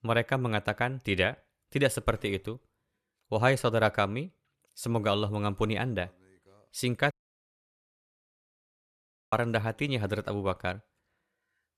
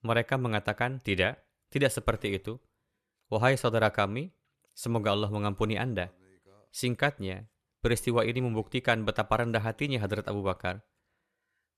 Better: second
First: audio cutting out; at 7 s for 2 s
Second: none

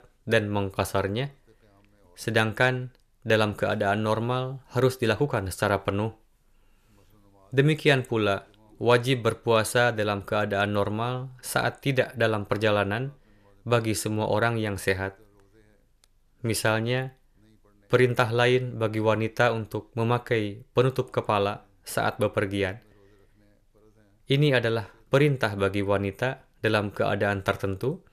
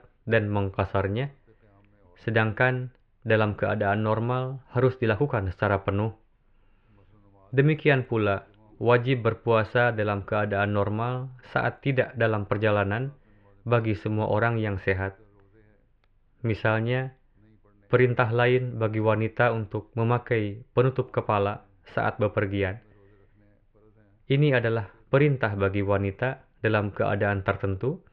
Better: first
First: none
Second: muffled; very; fading above 3 kHz

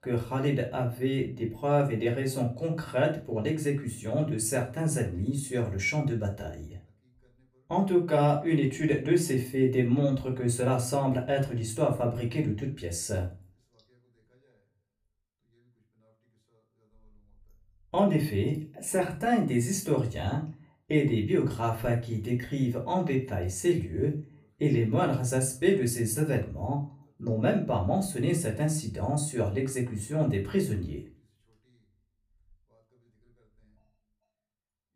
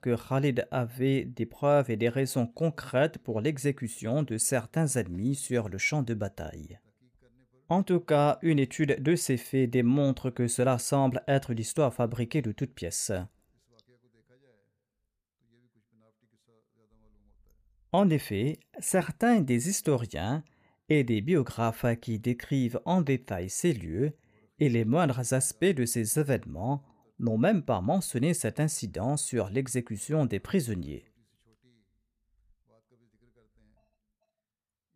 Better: second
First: off-mic speech; far // room echo; very slight; dies away in 0.3 s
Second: none

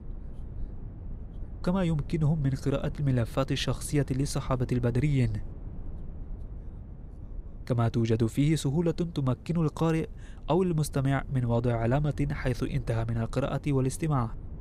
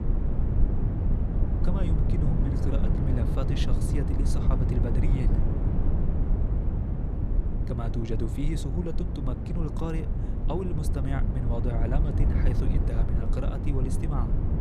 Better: first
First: low rumble; faint; throughout; 20 dB below the speech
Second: low rumble; loud; throughout; 1 dB below the speech

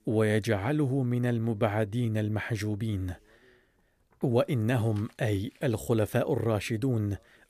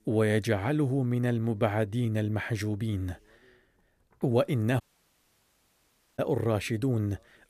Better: first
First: none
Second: audio cutting out; at 5 s for 1.5 s

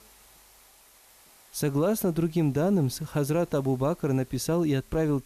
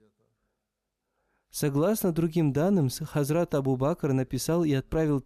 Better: second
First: hiss; faint; throughout; 25 dB below the speech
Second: none

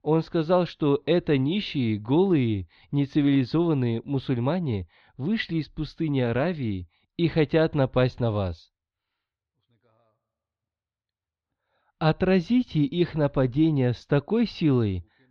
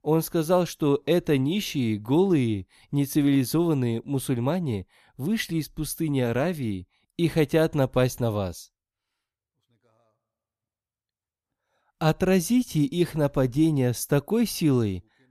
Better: second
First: muffled; very slightly; fading above 4 kHz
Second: none

